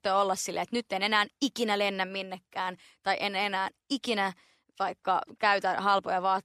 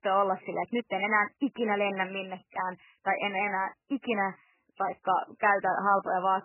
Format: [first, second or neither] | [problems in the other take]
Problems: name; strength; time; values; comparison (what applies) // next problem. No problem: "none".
first | garbled, watery; badly; nothing above 3 kHz